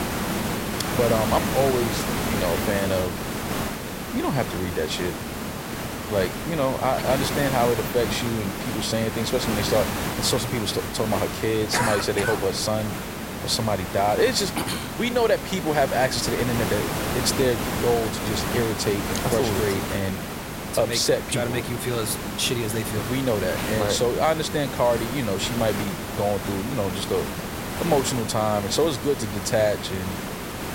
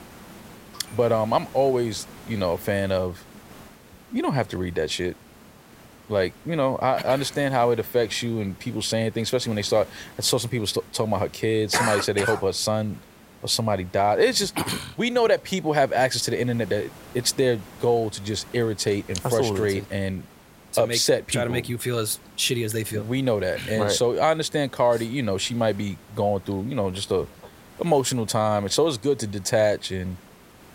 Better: second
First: hiss; loud; throughout; 4 dB below the speech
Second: hiss; faint; throughout; 25 dB below the speech

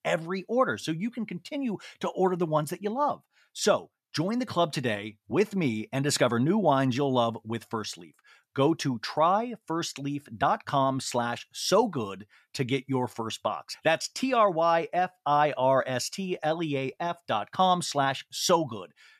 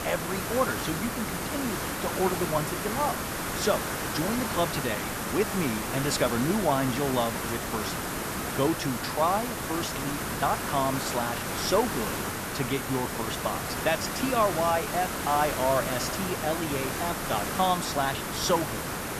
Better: first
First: none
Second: hiss; loud; throughout; 2 dB below the speech

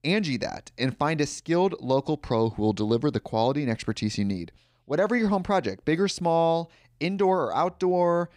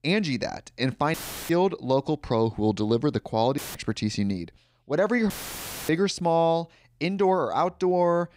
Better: first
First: none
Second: audio cutting out; filled with static; at 1 s, at 3.5 s and at 5.5 s for 0.5 s

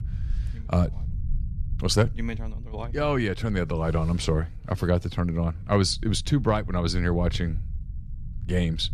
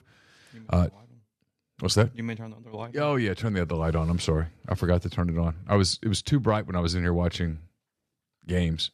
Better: second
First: low rumble; faint; throughout; 25 dB below the speech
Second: none

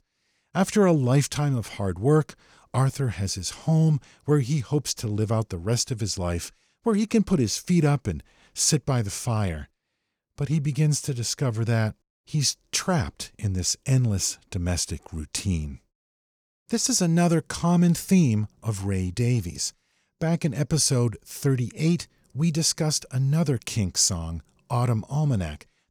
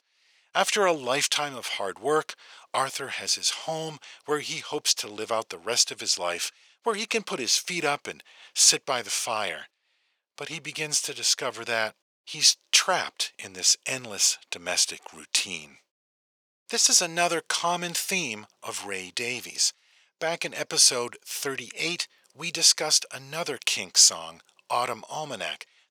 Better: first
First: none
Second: thin; very; fading below 700 Hz

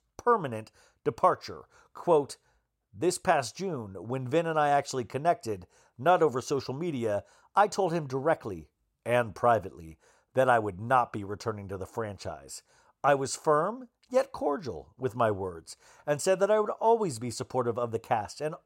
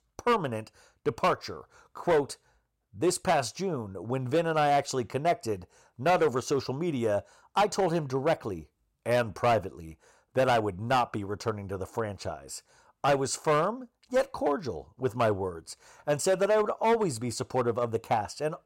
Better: first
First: none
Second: distortion; slight; 5% of the sound clipped

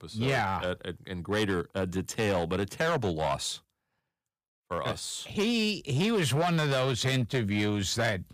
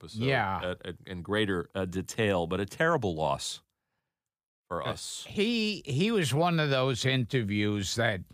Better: second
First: distortion; slight; 9% of the sound clipped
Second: none

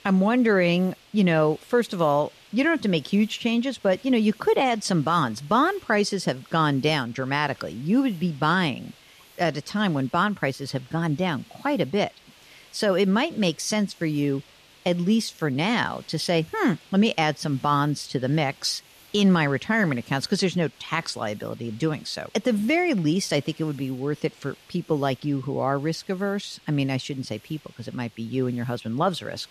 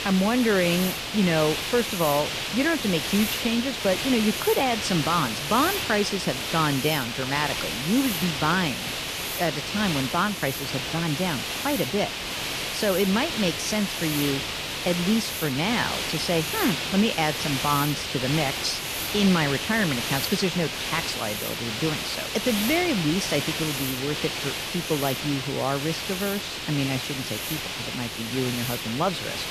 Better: first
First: hiss; faint; throughout; 25 dB below the speech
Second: hiss; loud; throughout; 2 dB below the speech

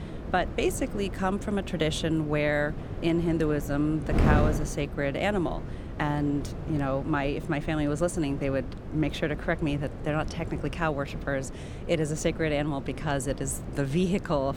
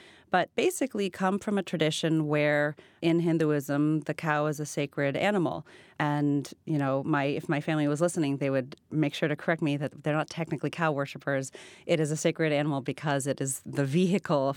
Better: second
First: wind noise on the microphone; occasional gusts; 10 dB below the speech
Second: none

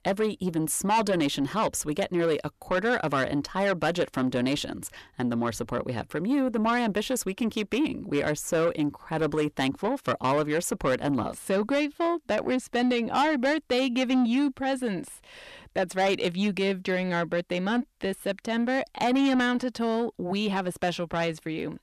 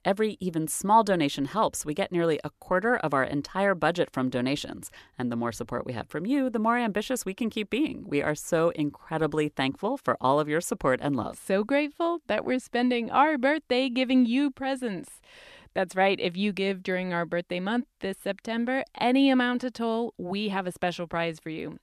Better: second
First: distortion; slight; 10 dB below the speech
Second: none

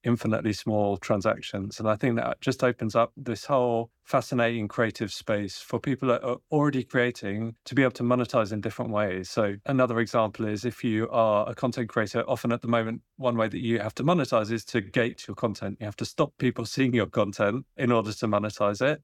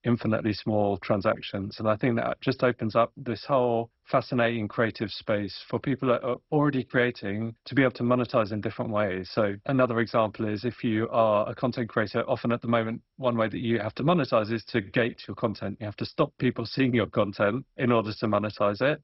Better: first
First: none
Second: garbled, watery; badly; nothing above 5.5 kHz

